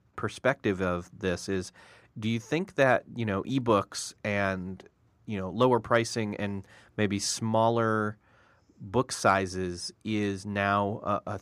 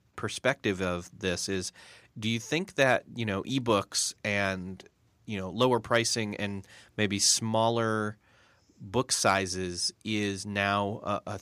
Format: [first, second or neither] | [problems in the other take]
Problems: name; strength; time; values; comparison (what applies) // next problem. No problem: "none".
second | muffled; slightly; fading above 2 kHz